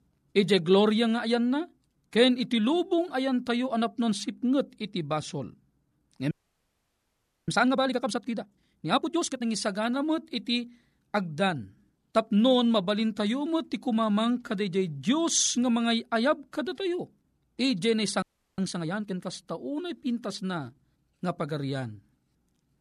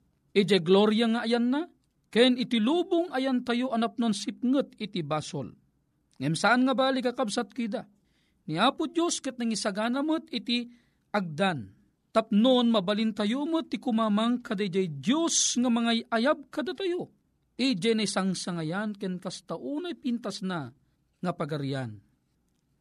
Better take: second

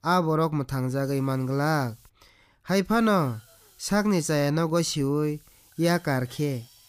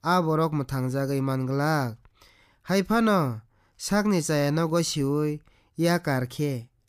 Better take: second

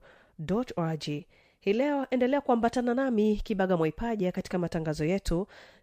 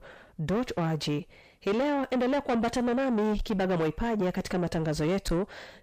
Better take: first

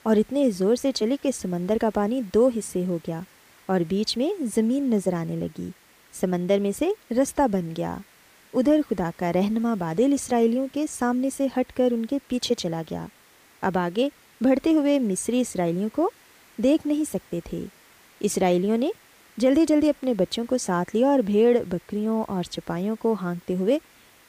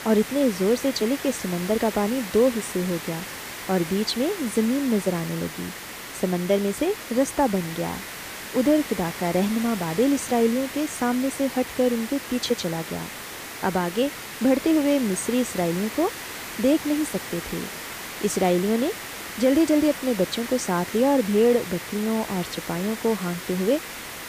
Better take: first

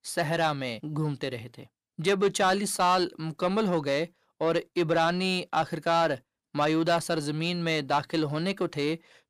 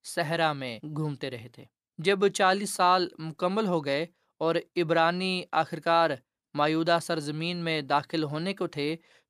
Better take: second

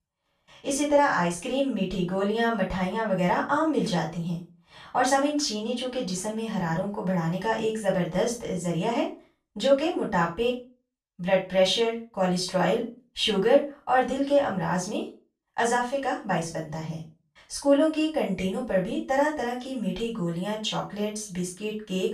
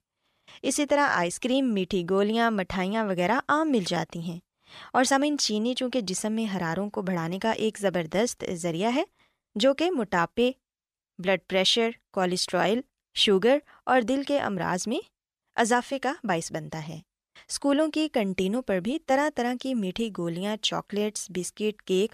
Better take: second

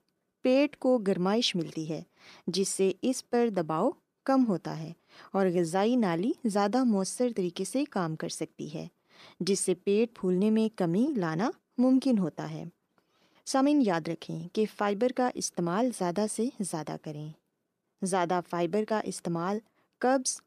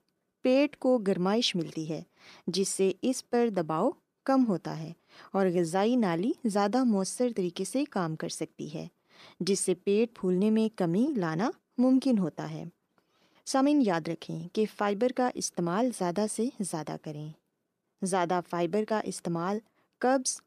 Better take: neither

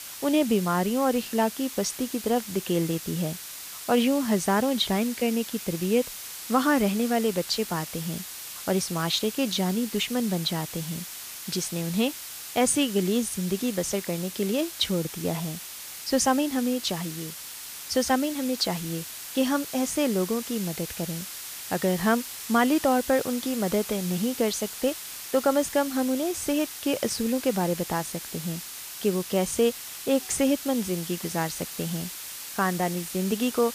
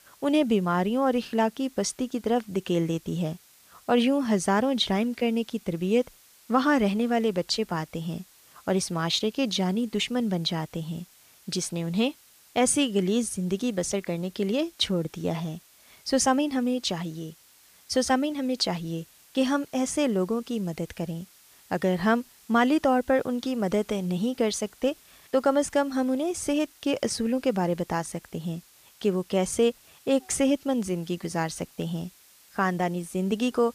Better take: second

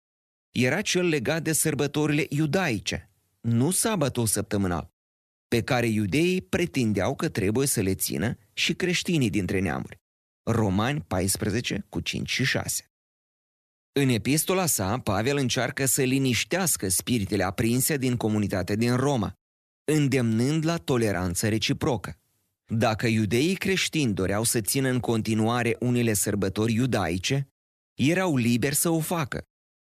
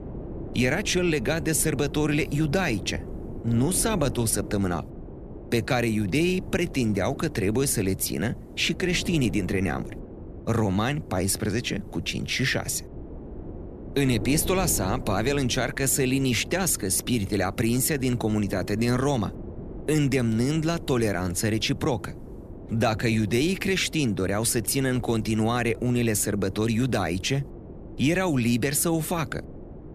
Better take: first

